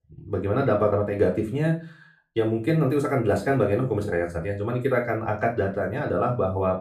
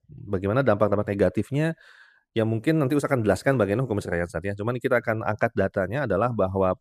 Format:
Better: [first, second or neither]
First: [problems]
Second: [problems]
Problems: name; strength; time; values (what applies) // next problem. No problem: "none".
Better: second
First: off-mic speech; far // room echo; very slight; dies away in 0.3 s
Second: none